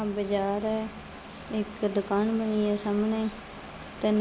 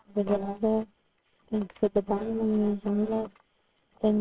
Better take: first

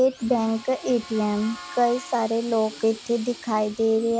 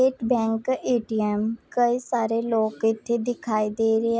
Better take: second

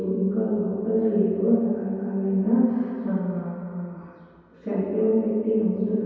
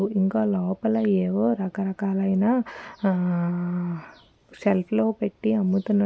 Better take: second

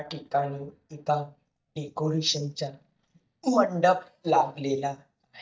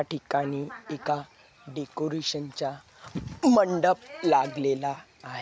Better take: second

